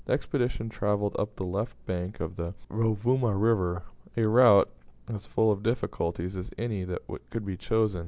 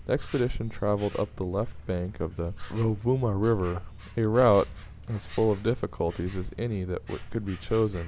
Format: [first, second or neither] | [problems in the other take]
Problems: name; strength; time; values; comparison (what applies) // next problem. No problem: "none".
first | background sound (Insect); 14 dB below the speech